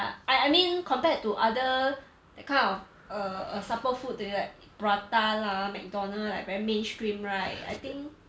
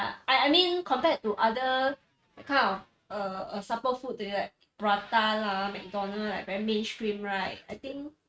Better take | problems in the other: first | noise reduction (neural mask model RNNoise)

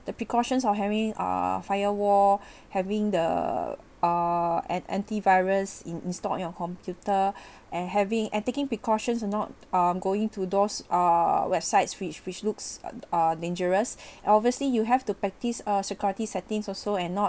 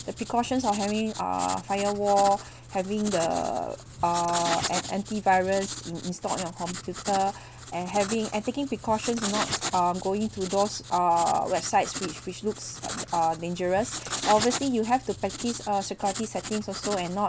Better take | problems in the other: first | background sound (Writing); 9 dB below the speech

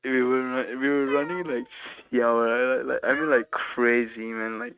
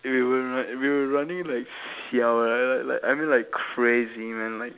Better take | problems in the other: second | noise reduction (neural mask model RNNoise)

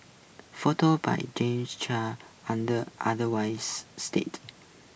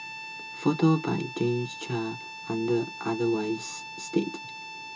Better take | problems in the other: first | background sound (Harmonica); 11 dB below the speech // room echo; dies away in 0.2 s

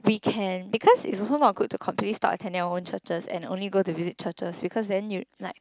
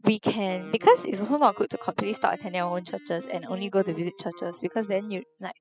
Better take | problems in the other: first | noise reduction (classical method spectral subtraction)

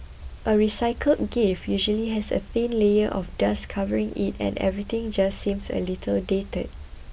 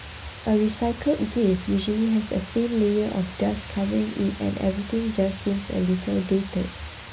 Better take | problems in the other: first | background sound (Water); 17 dB below the speech // room echo; dies away in 0.5 s

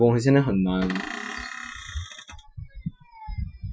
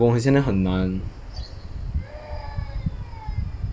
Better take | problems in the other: second | noise reduction (classical method Wiener filter)

